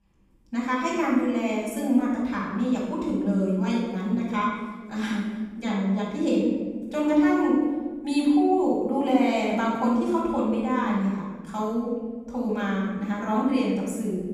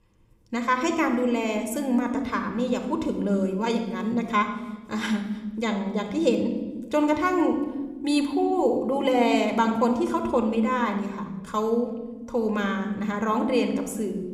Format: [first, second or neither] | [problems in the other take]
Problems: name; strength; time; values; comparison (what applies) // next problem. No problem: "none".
second | room echo; strong; dies away in 1.3 s; slight in the second // off-mic speech; far